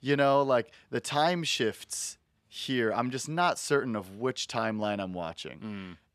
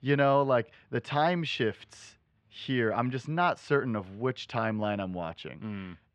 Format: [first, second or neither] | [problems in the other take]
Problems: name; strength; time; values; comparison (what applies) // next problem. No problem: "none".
first | muffled; slightly; fading above 2.5 kHz